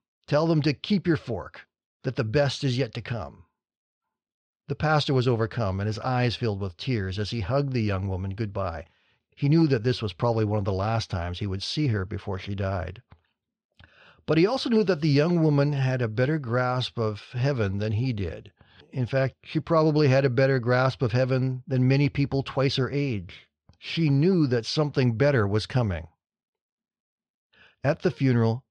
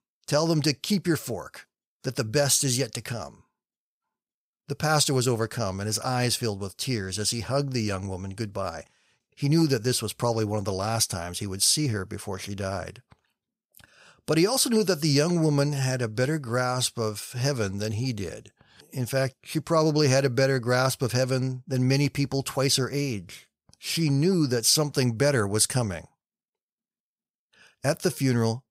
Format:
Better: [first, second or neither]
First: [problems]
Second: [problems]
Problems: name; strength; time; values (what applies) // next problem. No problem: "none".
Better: second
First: muffled; slightly; fading above 3.5 kHz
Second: none